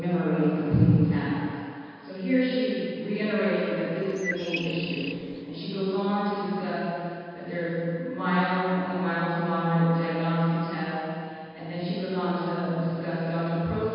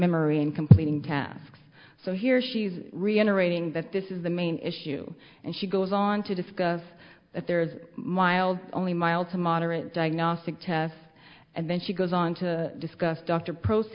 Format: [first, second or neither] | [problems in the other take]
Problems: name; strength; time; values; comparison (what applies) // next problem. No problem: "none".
second | background sound (Bird); 10 dB below the speech // room echo; dies away in 2.1 s